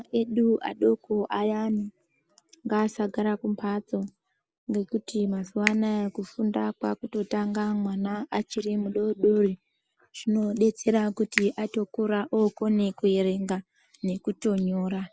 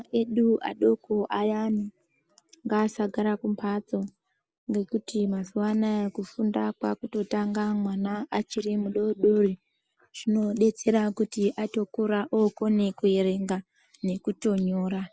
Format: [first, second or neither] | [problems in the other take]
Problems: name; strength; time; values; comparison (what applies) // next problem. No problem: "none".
second | background sound (Finger snapping); 11 dB below the speech